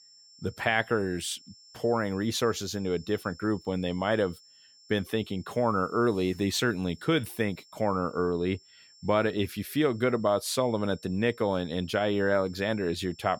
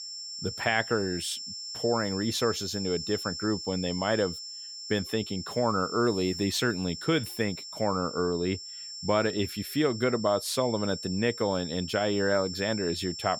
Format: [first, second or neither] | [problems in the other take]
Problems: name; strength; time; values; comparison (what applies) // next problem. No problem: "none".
first | high-pitched whine; loud; throughout; 5.5 kHz, 8 dB below the speech; faint in the first